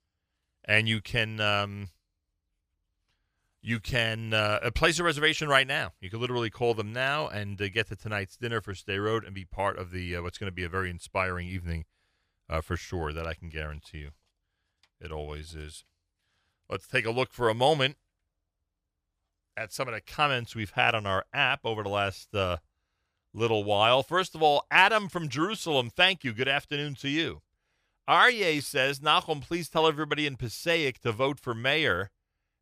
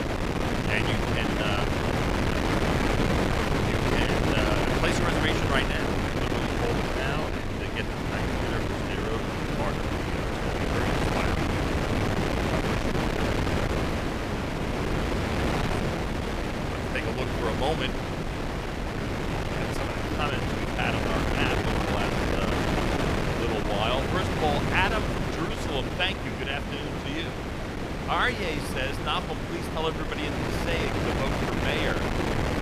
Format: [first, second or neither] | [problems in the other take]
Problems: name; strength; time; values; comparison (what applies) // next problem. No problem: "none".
first | wind noise on the microphone; heavy; 2 dB above the speech